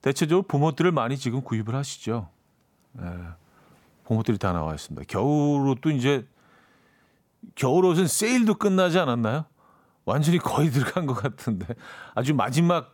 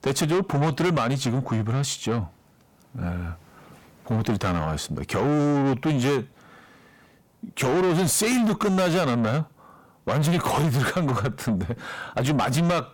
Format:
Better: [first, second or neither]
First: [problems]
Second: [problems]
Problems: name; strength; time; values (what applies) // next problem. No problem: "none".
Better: first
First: none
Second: distortion; heavy; 7 dB below the speech